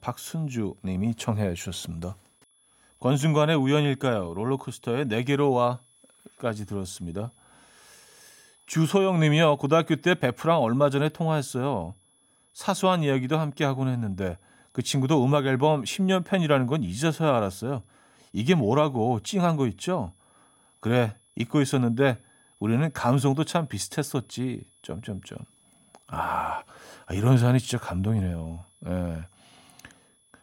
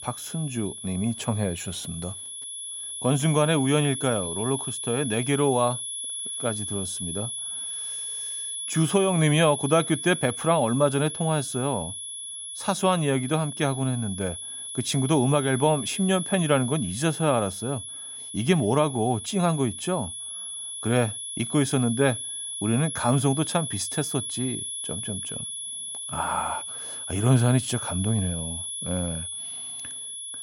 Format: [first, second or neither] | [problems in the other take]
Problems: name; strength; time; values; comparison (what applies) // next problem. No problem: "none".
first | high-pitched whine; loud; throughout; 10.5 kHz, 6 dB below the speech; faint in the first